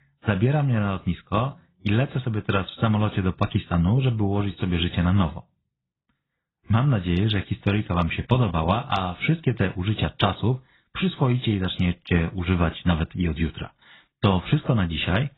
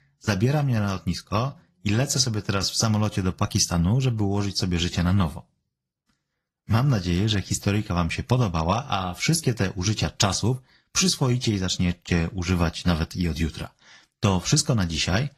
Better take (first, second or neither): second